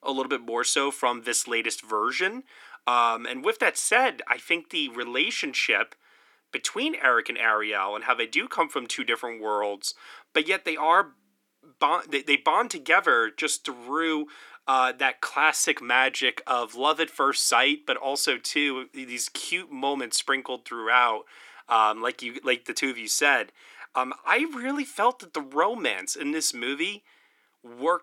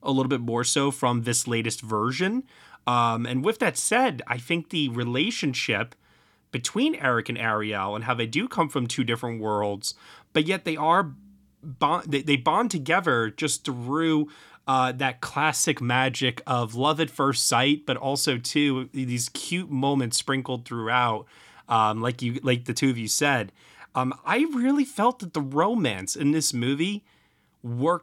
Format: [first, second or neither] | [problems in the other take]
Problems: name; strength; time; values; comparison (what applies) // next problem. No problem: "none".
second | thin; somewhat; fading below 350 Hz